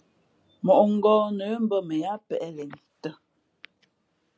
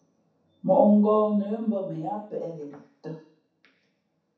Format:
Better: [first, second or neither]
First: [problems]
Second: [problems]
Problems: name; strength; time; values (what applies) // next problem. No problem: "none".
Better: first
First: none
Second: room echo; dies away in 0.7 s